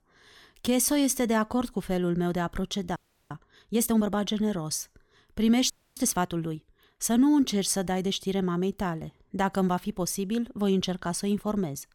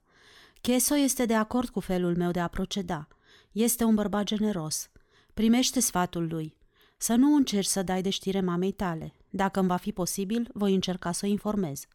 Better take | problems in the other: second | audio freezing; at 3 s and at 5.5 s

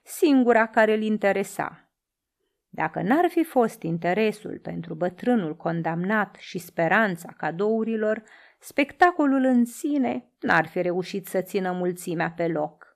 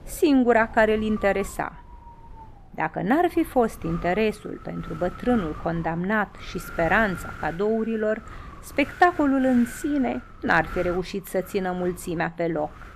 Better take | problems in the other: first | wind noise on the microphone; occasional gusts; 15 dB below the speech

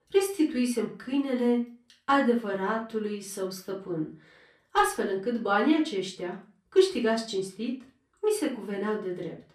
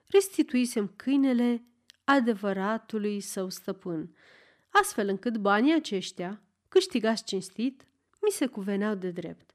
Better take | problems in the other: second | off-mic speech; far // room echo; slight; dies away in 0.3 s

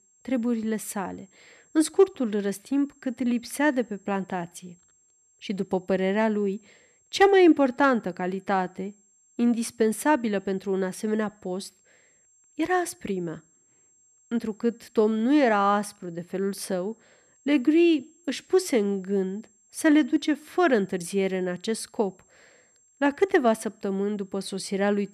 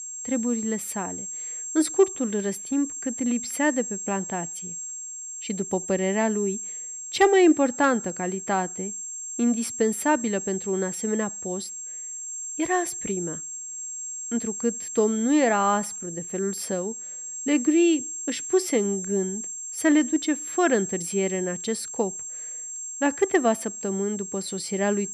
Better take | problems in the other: first | high-pitched whine; loud; throughout; 7.5 kHz, 7 dB below the speech; faint in the first

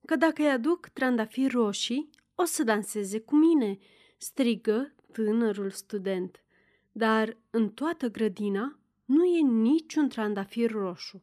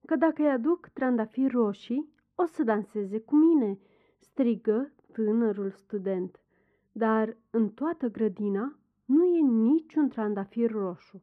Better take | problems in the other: first | muffled; very; fading above 3 kHz

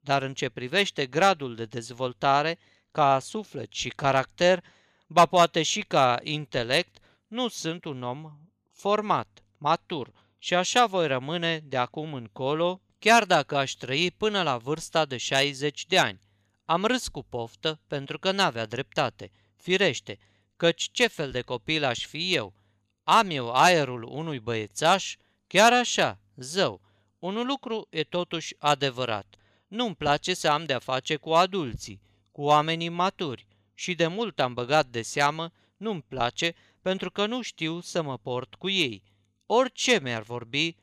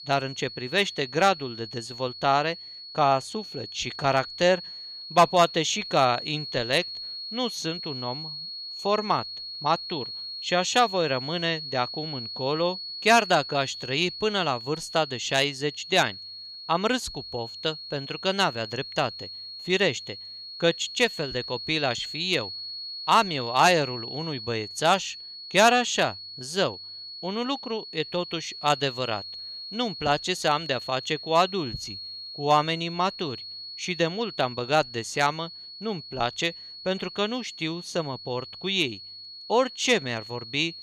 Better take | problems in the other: first | high-pitched whine; noticeable; throughout; 4.5 kHz, 10 dB below the speech

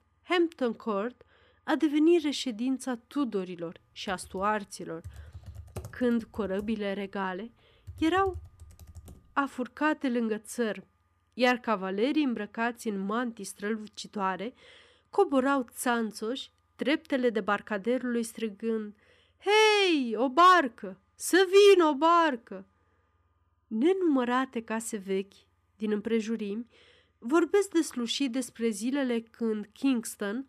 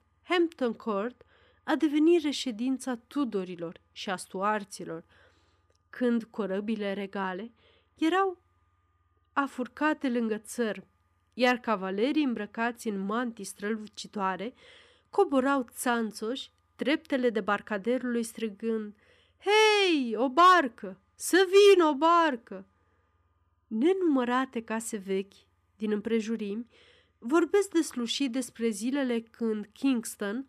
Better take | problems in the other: second | keyboard typing; faint; from 4 to 9 s; peak 15 dB below the speech

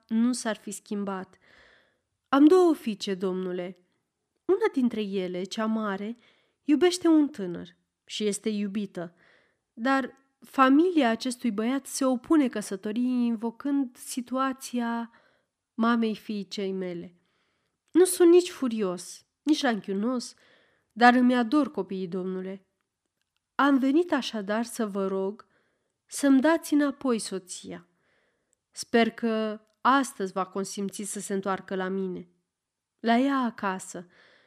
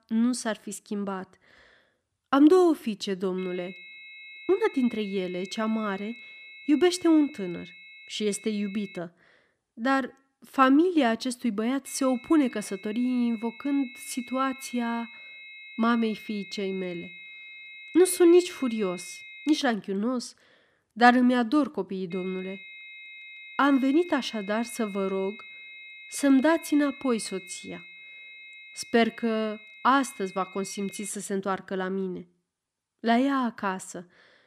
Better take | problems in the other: first | high-pitched whine; noticeable; from 3.5 to 9 s, from 12 to 20 s and from 22 to 31 s; 2 kHz, 15 dB below the speech

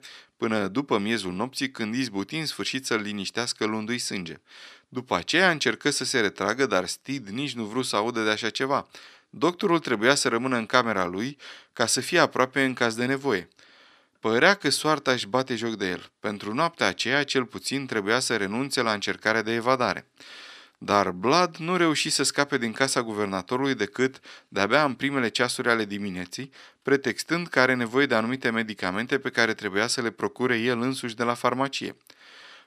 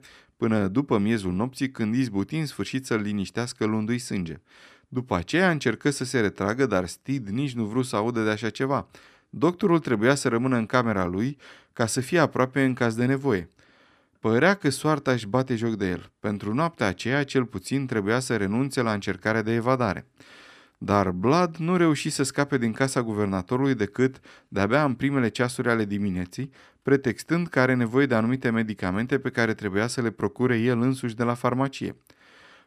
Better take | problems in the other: second | thin; very slightly; fading below 450 Hz

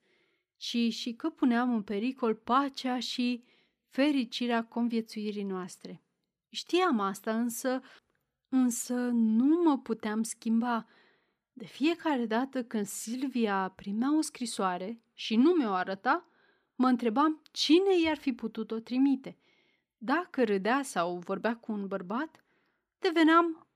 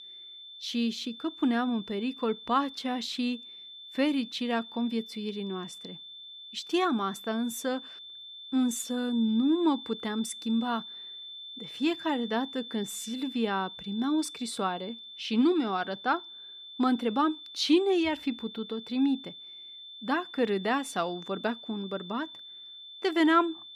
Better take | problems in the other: first | high-pitched whine; noticeable; throughout; 3.5 kHz, 15 dB below the speech

